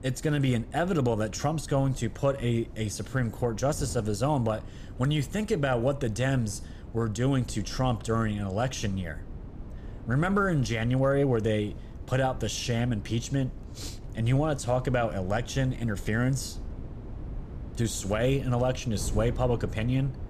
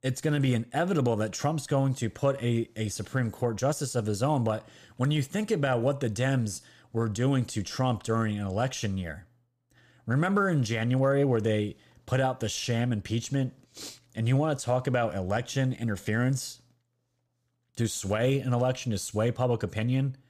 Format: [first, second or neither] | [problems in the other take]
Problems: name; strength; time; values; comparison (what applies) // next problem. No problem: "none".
second | wind noise on the microphone; occasional gusts; 20 dB below the speech